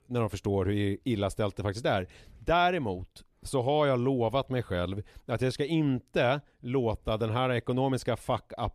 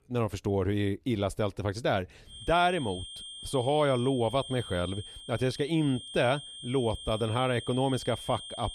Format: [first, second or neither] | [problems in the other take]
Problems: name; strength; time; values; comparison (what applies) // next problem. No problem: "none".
first | high-pitched whine; noticeable; from 2.5 s on; 3 kHz, 10 dB below the speech